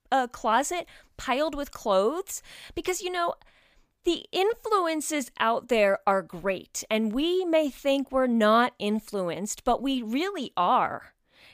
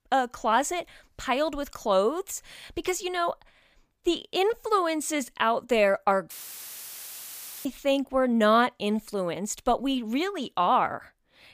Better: first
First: none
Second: audio cutting out; filled with static; at 6.5 s for 1.5 s

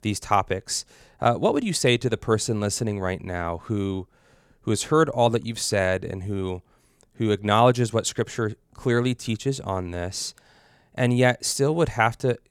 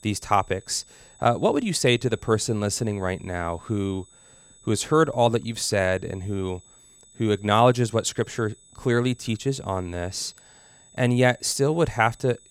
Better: first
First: none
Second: high-pitched whine; faint; throughout; 8 kHz, 25 dB below the speech

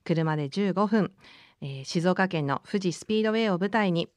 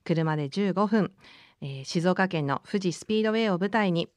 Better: neither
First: none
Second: none

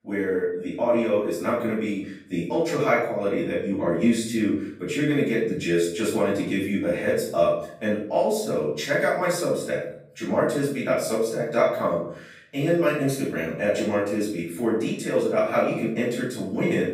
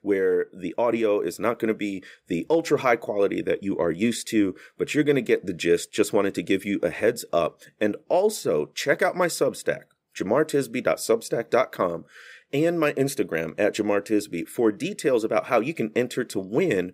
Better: second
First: off-mic speech; far // room echo; noticeable; dies away in 0.6 s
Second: none

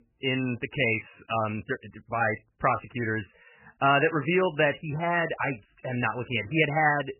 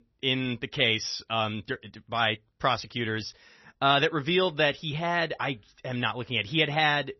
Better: second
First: garbled, watery; badly; nothing above 3 kHz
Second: garbled, watery; slightly; nothing above 6 kHz

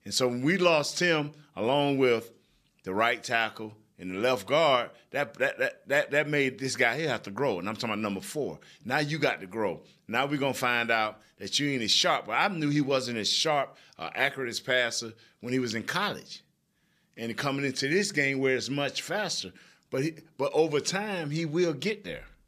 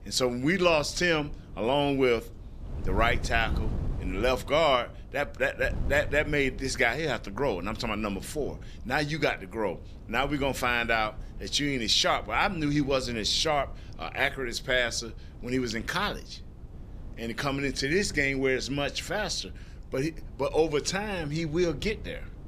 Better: first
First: none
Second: wind noise on the microphone; occasional gusts; 25 dB below the speech

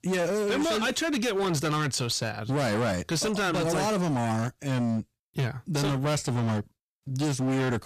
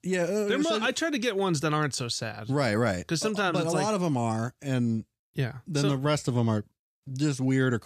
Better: second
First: distortion; heavy; 28% of the sound clipped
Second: none

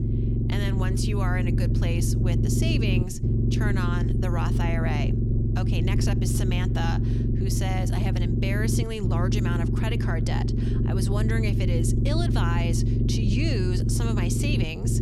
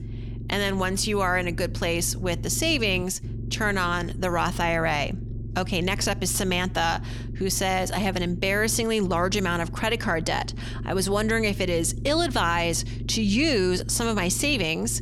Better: second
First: low rumble; loud; throughout; 2 dB below the speech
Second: low rumble; faint; throughout; 20 dB below the speech

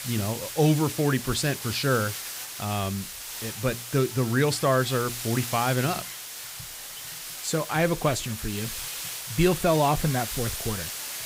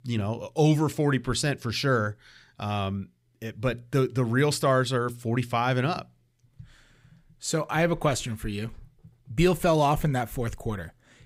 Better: second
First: hiss; loud; throughout; 7 dB below the speech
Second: none

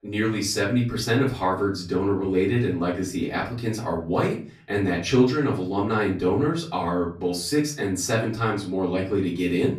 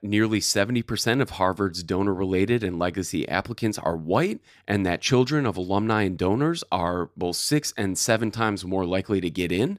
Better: second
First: room echo; slight; dies away in 0.3 s // off-mic speech; far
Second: none

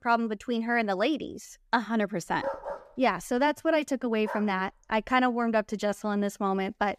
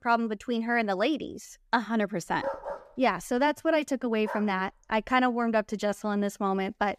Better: neither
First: dog barking; noticeable; from 2.5 to 4.5 s; peak 7 dB below the speech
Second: dog barking; noticeable; from 2.5 to 4.5 s; peak 7 dB below the speech

